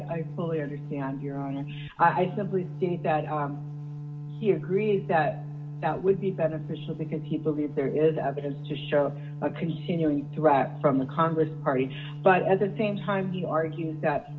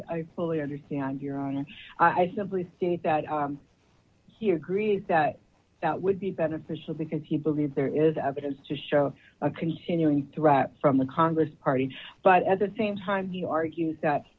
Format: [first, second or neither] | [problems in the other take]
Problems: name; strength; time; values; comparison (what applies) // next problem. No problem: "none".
second | background sound (Organ); 9 dB below the speech // room echo; dies away in 0.6 s